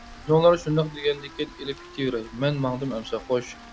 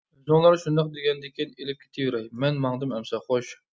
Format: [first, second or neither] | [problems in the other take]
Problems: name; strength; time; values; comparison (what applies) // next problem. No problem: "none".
second | background sound (Wind instrument, woodwind instrument + Rain); 19 dB below the speech